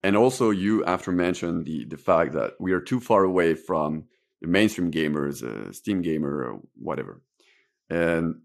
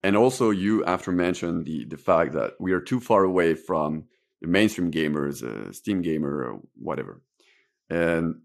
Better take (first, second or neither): neither